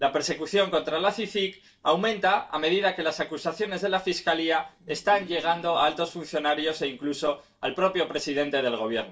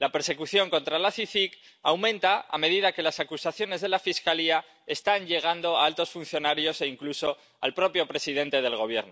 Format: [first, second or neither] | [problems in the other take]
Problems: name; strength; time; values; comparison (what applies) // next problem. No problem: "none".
second | noise reduction (neural separator model SepFormer DNS4)